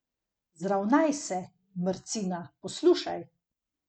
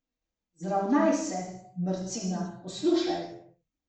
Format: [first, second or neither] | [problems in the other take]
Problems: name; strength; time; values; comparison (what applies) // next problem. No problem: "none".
first | room echo; dies away in 0.7 s